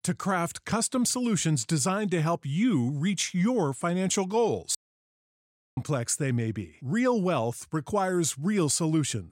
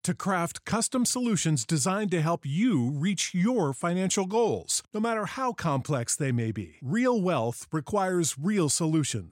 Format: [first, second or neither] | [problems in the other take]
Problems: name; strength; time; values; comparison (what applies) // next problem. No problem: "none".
second | audio cutting out; at 5 s for 1 s